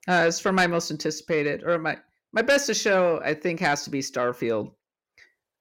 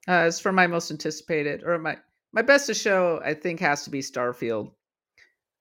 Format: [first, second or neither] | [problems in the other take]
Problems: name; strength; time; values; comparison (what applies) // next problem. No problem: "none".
second | distortion; slight; 10 dB below the speech